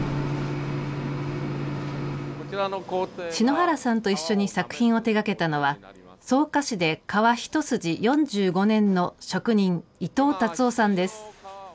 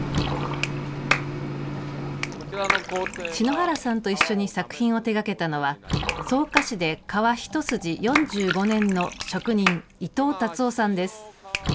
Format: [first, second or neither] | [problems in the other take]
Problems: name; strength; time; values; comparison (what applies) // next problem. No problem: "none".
first | background sound (Bathtub (filling or washing) / Water + Clapping); 5 dB below the speech